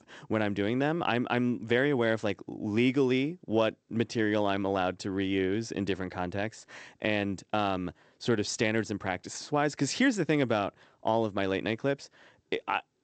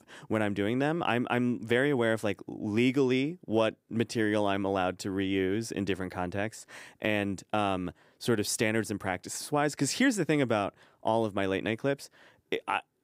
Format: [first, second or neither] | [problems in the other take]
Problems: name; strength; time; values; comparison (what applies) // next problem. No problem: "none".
second | garbled, watery; slightly; nothing above 8 kHz